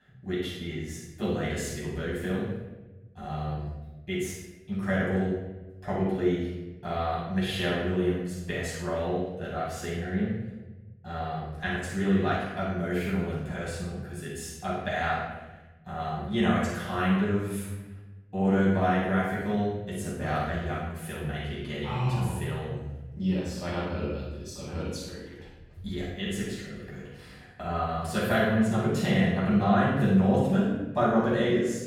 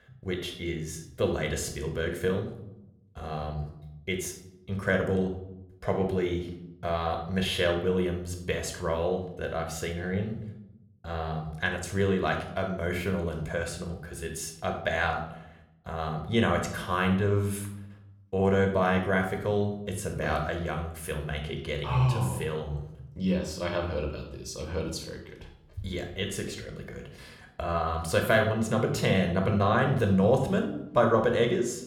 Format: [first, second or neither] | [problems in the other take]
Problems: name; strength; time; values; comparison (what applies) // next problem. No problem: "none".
second | room echo; strong; dies away in 1 s; slight in the second // off-mic speech; far